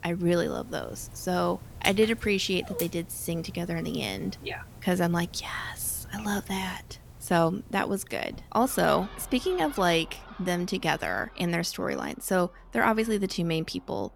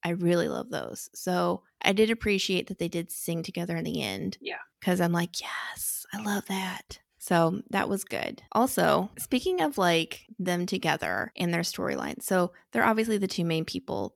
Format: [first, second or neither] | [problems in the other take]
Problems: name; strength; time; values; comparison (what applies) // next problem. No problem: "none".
second | animal sounds; noticeable; throughout; 15 dB below the speech